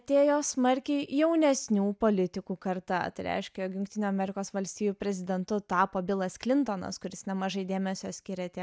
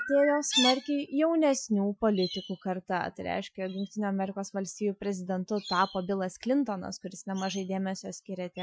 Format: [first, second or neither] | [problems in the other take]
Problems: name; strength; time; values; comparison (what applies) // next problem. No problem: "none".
first | noise reduction (classical method Wiener filter)